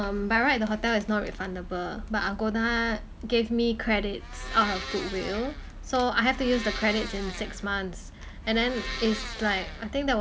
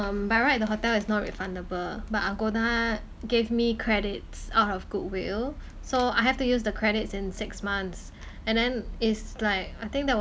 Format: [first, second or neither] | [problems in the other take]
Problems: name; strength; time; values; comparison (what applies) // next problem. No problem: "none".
second | background sound (Domestic sounds, home sounds); 11 dB below the speech